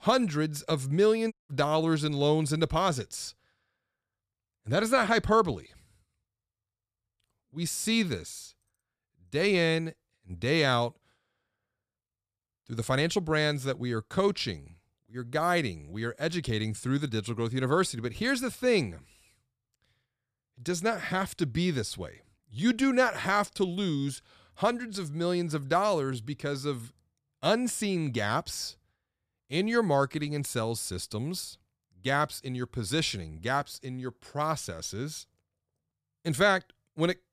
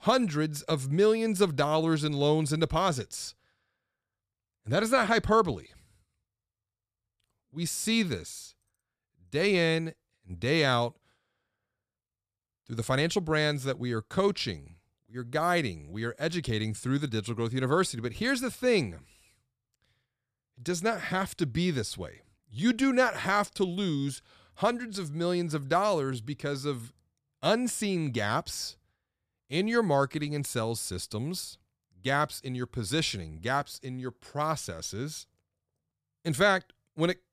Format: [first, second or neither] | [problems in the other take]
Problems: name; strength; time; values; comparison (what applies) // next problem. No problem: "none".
second | audio cutting out; at 1.5 s